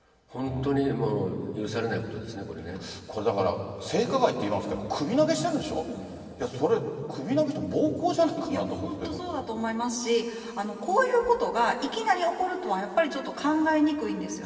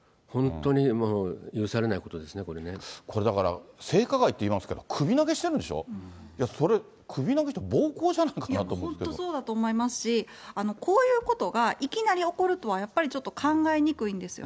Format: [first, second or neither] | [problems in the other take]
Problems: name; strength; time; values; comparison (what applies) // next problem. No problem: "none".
second | room echo; dies away in 2.6 s